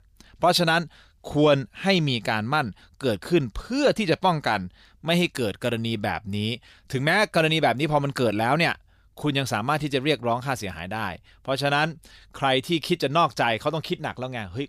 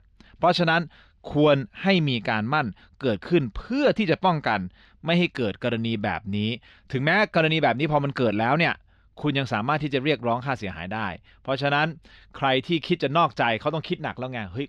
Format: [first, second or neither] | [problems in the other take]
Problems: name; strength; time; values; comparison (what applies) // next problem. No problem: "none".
first | muffled; very slightly; fading above 3 kHz